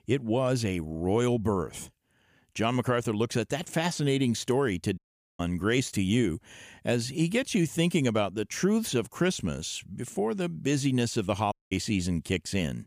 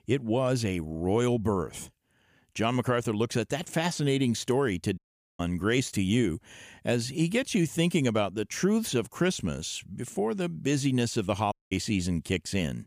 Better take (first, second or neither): neither